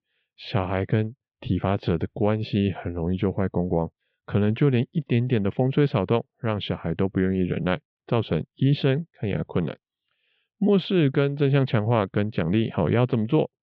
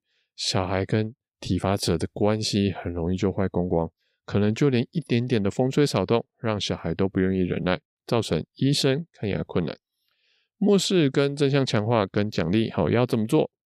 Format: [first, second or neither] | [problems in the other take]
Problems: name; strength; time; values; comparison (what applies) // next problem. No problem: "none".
second | muffled; very; fading above 3 kHz